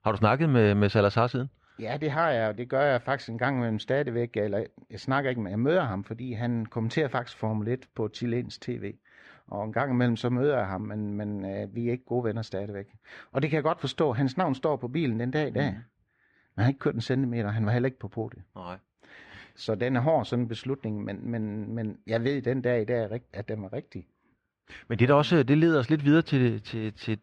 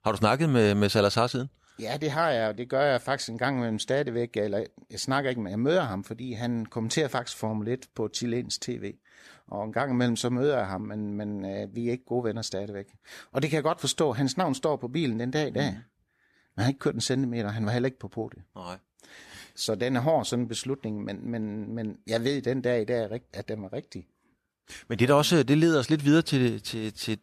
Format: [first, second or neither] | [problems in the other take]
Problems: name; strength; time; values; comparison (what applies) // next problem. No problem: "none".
second | muffled; slightly; fading above 2.5 kHz